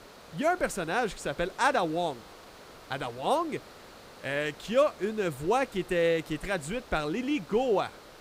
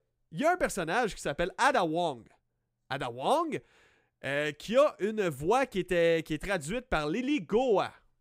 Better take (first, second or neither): second